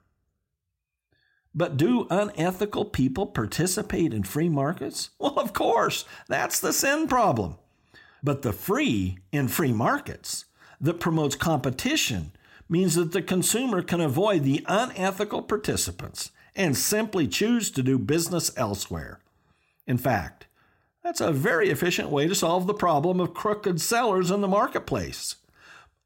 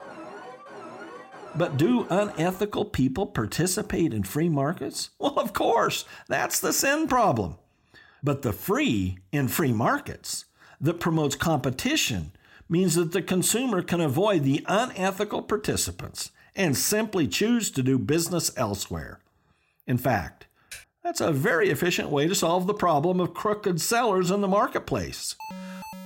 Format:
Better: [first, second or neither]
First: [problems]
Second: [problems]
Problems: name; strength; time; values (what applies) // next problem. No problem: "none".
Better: first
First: none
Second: alarm; faint; until 2.5 s and at 25 s; peak 15 dB below the speech // keyboard typing; faint; at 21 s; peak 20 dB below the speech